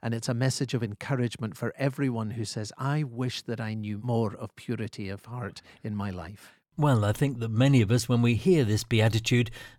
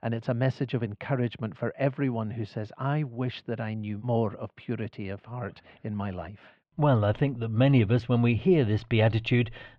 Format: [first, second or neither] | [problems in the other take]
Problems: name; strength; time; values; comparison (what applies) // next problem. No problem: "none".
first | muffled; very; fading above 3 kHz